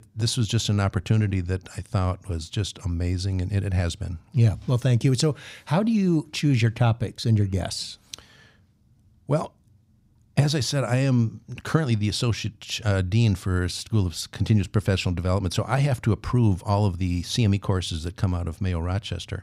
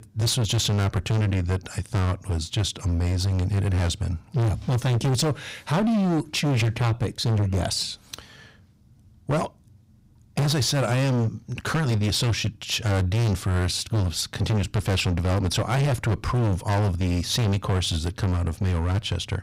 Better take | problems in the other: first | distortion; heavy; 23% of the sound clipped

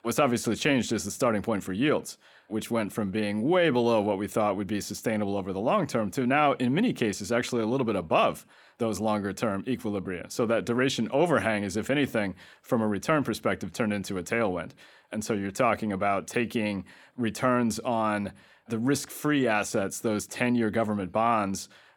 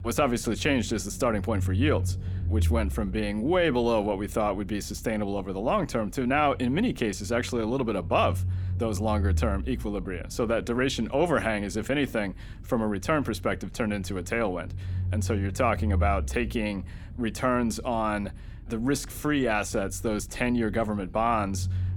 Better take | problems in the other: first | low rumble; faint; throughout; 20 dB below the speech

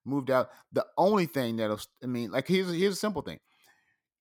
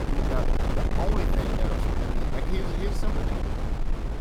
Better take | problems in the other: first | wind noise on the microphone; heavy; 3 dB above the speech

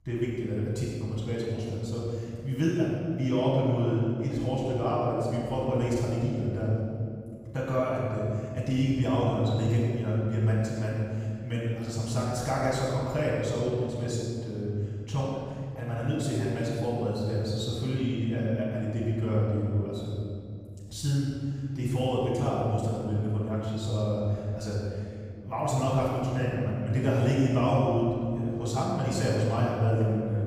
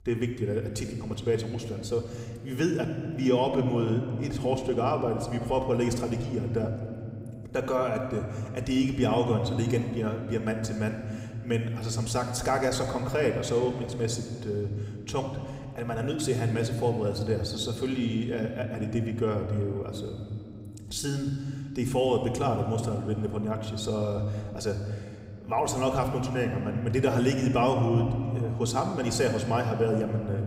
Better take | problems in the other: second | room echo; strong; dies away in 2.4 s; slight in the second // off-mic speech; far

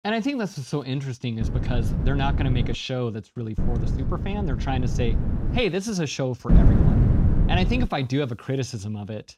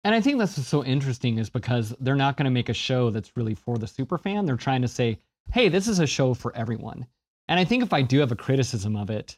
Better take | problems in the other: second | wind noise on the microphone; heavy; from 1.5 to 3 s, from 3.5 to 5.5 s and from 6.5 to 8 s; 5 dB below the speech

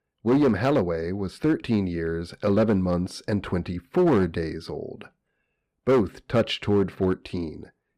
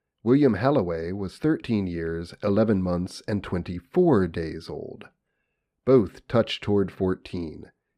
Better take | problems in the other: second | distortion; slight; 5% of the sound clipped

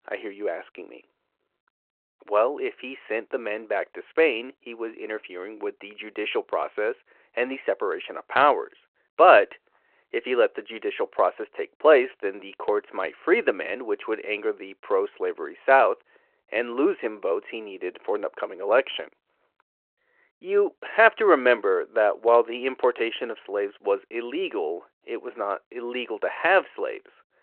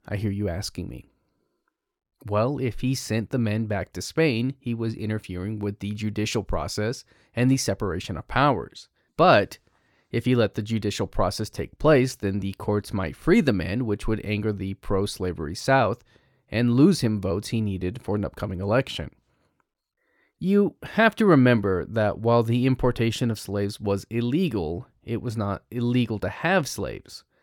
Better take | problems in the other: second | phone-call audio

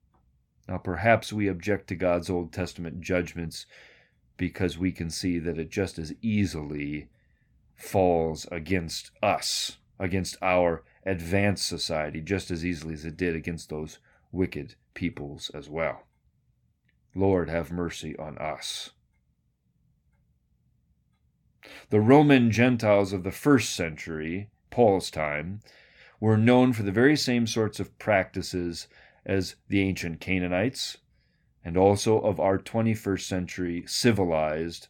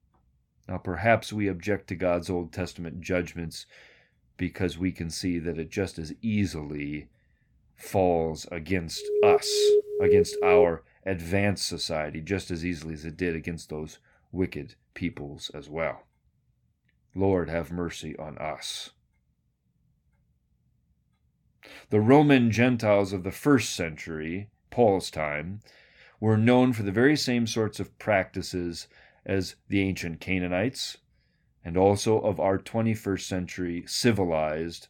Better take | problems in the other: first | alarm; loud; from 9 to 11 s; peak 5 dB above the speech

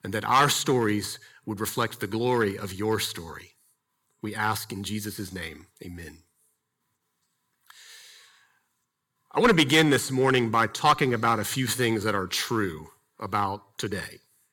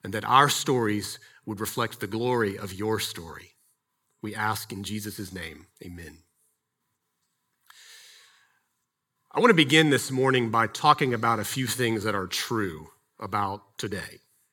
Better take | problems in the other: second | distortion; slight; 1.2% of the sound clipped

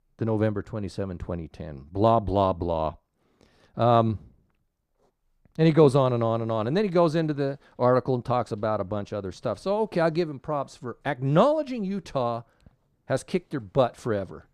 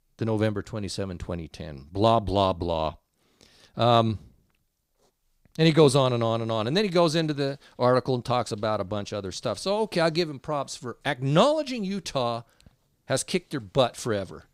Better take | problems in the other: second | muffled; slightly; fading above 2.5 kHz

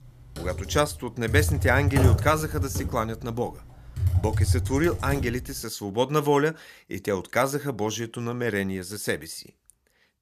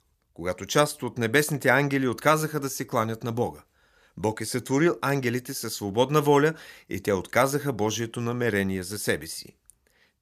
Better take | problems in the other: second | keyboard typing; loud; until 5.5 s; peak 6 dB above the speech

